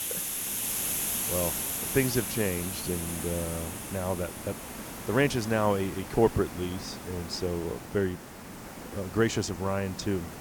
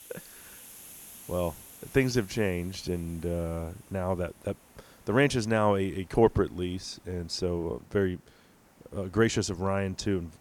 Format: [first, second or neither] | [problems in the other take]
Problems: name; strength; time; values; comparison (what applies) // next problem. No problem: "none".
second | hiss; loud; throughout; 3 dB below the speech; faint in the second